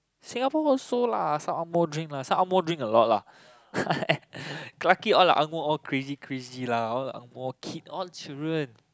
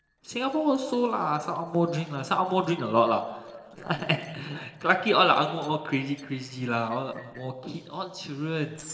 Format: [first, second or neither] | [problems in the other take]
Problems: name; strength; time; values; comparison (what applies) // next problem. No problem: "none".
first | noise reduction (neural separator model SepFormer DNS4)